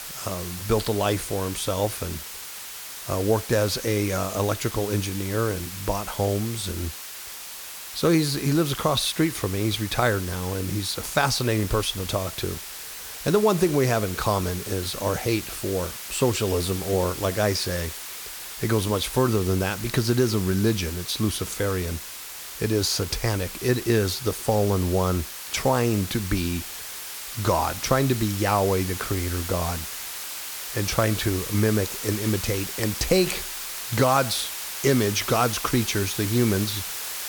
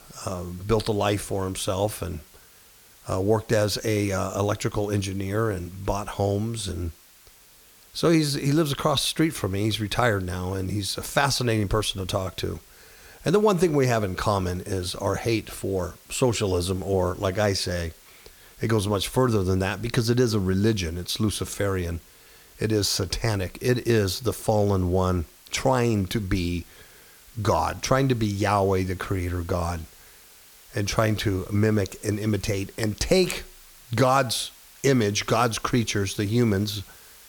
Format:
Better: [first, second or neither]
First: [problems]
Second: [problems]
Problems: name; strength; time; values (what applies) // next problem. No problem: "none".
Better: second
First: hiss; loud; throughout; 8 dB below the speech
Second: hiss; faint; throughout; 25 dB below the speech